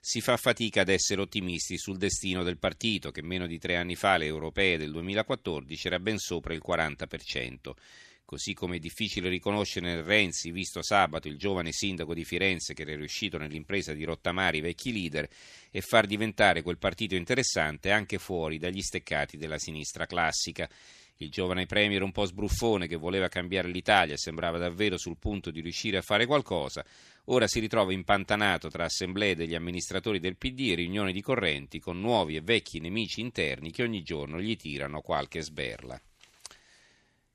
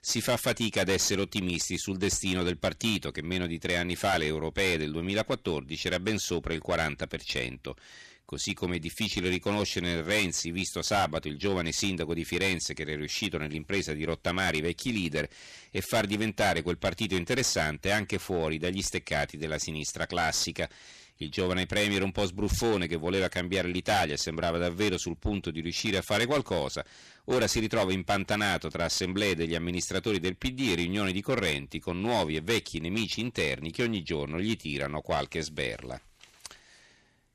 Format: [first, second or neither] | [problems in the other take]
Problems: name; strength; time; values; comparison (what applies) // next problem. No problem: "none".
first | distortion; heavy; 8% of the sound clipped